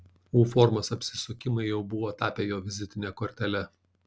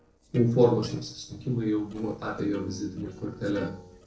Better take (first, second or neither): first